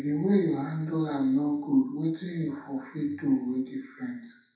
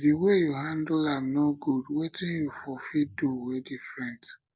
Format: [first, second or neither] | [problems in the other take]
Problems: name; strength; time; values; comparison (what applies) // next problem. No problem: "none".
second | room echo; dies away in 0.7 s